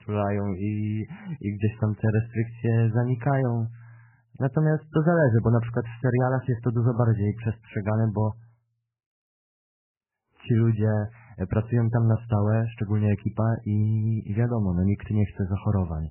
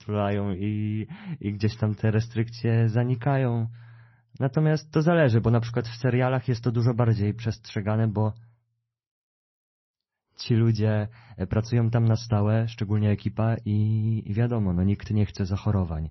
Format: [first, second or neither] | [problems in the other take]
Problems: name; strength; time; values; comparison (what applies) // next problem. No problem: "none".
second | garbled, watery; badly; nothing above 3 kHz; slightly in the second